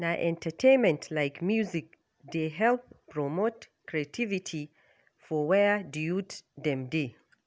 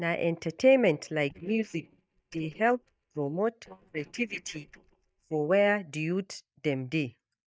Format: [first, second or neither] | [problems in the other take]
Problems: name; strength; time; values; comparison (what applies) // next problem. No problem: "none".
first | noise reduction (neural mask model DeepFilterNet 3)